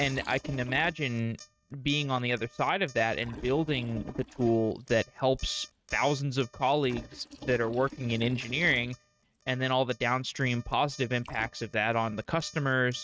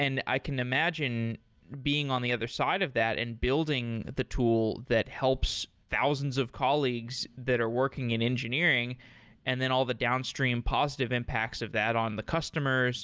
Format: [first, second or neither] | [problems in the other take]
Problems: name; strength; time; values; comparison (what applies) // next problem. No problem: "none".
second | noise reduction (neural mask model RNNoise)